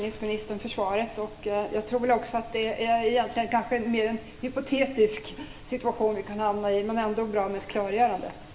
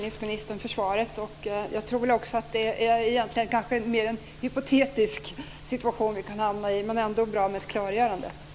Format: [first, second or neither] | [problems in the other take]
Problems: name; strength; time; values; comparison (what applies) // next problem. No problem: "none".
second | room echo; dies away in 1.9 s